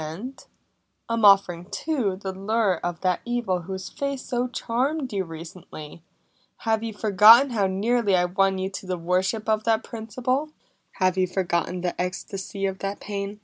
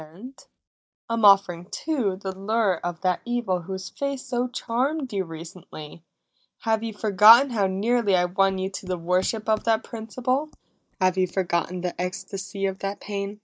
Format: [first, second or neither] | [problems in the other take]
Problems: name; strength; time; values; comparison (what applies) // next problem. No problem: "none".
first | noise reduction (neural mask model DeepFilterNet 3)